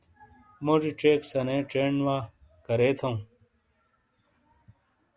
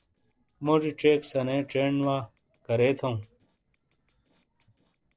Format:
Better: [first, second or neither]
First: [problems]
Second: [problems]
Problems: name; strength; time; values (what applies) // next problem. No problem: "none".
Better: first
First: none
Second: noise reduction (neural separator model SepFormer DNS4)